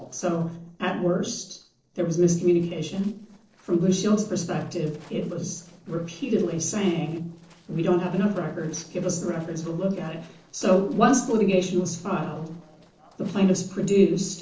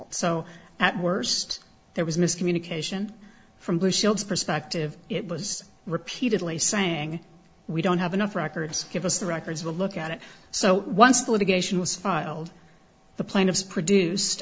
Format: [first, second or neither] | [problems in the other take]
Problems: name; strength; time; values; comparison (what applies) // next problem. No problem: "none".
second | noise reduction (neural separator model SepFormer DNS4)